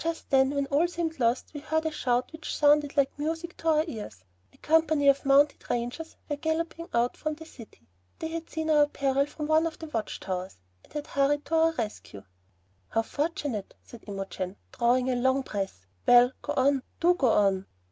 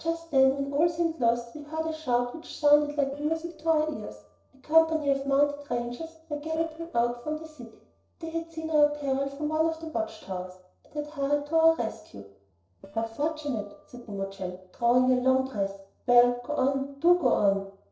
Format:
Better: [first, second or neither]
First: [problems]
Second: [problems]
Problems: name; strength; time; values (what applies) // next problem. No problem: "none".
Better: first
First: none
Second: noise reduction (neural separator model SepFormer DNS4)